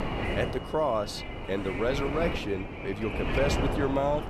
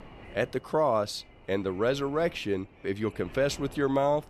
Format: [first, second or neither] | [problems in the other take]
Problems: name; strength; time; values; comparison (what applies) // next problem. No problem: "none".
second | wind noise on the microphone; heavy; 4 dB below the speech; occasional gusts in the second